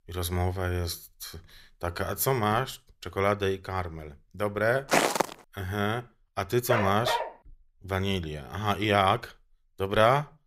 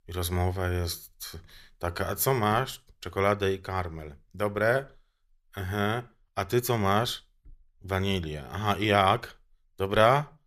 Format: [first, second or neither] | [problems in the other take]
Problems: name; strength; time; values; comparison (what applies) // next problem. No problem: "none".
second | footsteps; loud; at 5 s; peak 4 dB above the speech // dog barking; noticeable; at 6.5 s; peak 1 dB below the speech